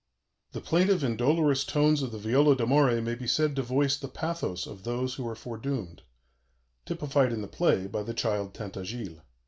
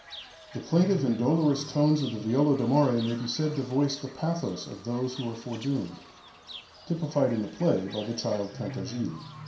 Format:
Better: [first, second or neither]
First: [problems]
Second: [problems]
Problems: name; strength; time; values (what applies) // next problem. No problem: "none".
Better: first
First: none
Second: background sound (Bird / Fowl); 16 dB below the speech // room echo; dies away in 0.5 s